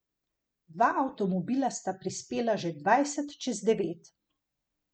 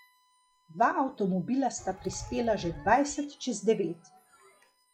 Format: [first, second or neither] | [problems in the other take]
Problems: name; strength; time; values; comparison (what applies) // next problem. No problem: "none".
first | noise reduction (classical method log-MMSE)